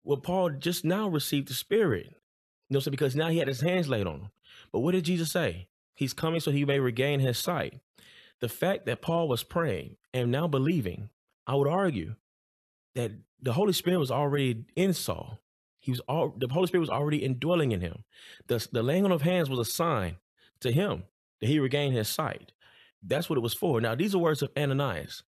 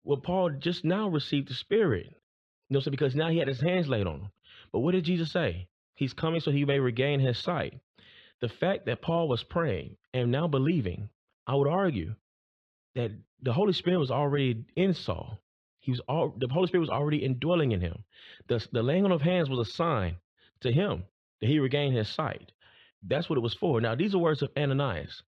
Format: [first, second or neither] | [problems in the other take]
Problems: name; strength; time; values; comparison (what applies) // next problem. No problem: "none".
first | muffled; very slightly; fading above 4 kHz